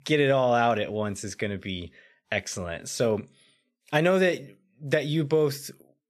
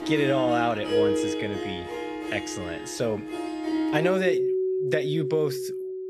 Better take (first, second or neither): first